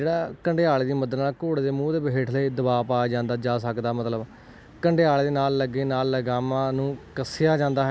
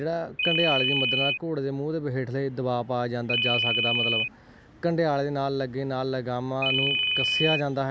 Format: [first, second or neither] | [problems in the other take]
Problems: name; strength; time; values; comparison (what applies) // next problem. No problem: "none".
first | background sound (Ringtone); 3 dB above the speech